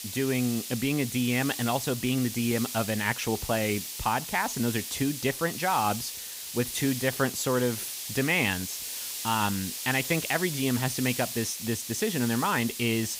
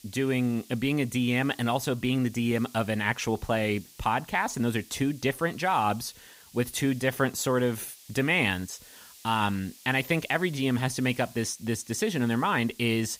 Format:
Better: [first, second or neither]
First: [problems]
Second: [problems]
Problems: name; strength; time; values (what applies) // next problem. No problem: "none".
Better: second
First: hiss; loud; throughout; 6 dB below the speech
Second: hiss; faint; throughout; 20 dB below the speech